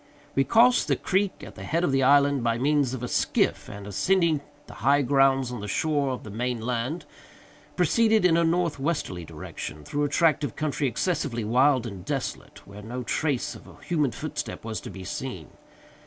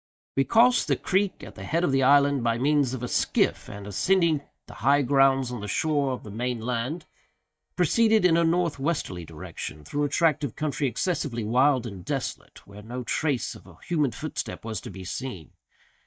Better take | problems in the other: first | noise reduction (neural mask model DeepFilterNet 3)

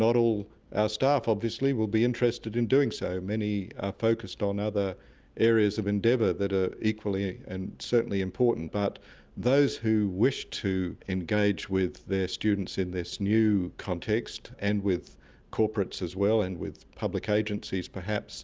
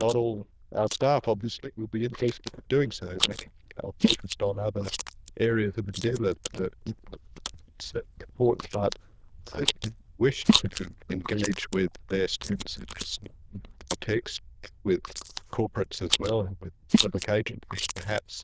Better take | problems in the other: first | noise reduction (neural diffusion model UNIVERSE++)

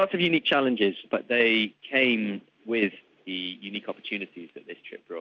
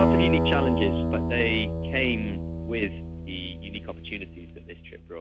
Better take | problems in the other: first | background sound (Acoustic guitar); 3 dB above the speech

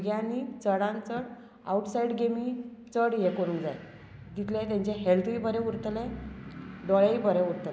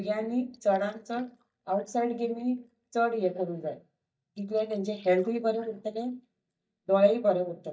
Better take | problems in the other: first | noise reduction (neural mask model DeepFilterNet 3)

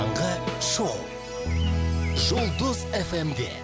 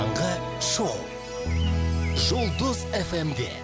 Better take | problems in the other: second | background sound (Snare drum); 14 dB below the speech

